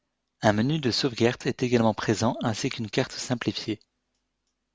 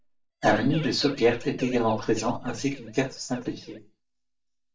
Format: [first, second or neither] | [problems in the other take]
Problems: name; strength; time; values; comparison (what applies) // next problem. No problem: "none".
first | noise reduction (neural mask model DeepFilterNet 3)